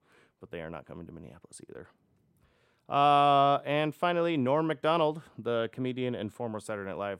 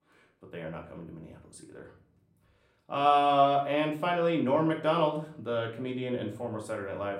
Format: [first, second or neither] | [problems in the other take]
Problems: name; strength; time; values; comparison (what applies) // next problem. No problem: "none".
first | room echo; slight; dies away in 0.4 s // off-mic speech; far